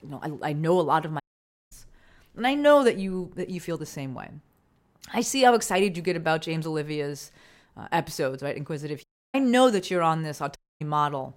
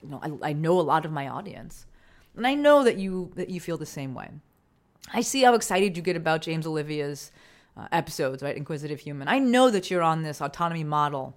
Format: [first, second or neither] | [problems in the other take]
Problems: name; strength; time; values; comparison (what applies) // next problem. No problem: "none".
second | audio cutting out; at 1 s for 0.5 s, at 9 s and at 11 s